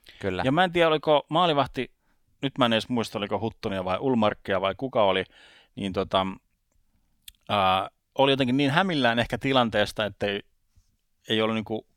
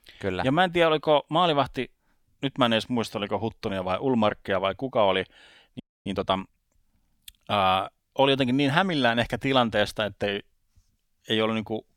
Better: first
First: none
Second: audio freezing; at 6 s

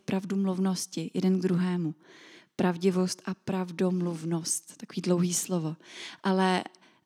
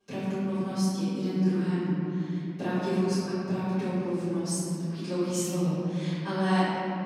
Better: first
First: none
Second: off-mic speech; far // room echo; strong; dies away in 2.8 s

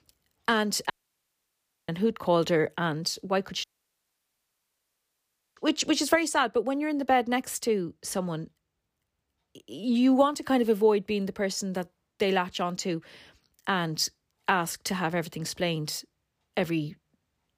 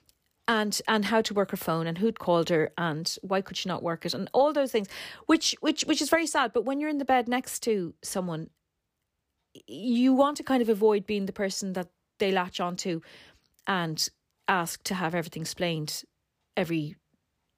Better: second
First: audio cutting out; at 1 s for 1 s and at 3.5 s for 2 s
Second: none

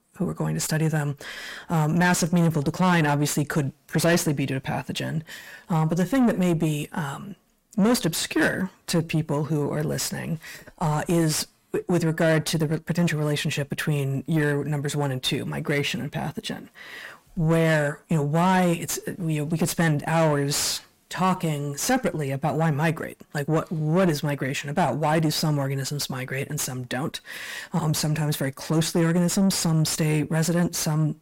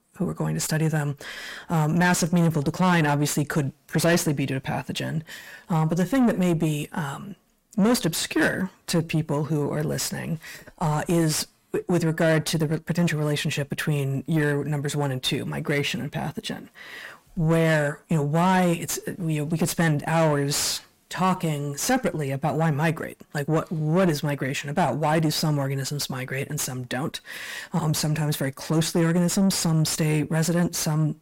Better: neither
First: distortion; heavy; 7 dB below the speech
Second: distortion; heavy; 7 dB below the speech

